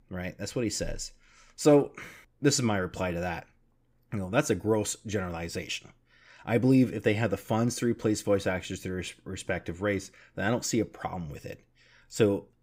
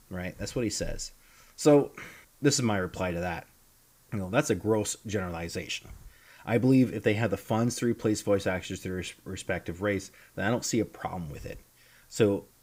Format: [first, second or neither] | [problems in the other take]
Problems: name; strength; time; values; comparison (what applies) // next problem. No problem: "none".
first | hiss; faint; throughout; 30 dB below the speech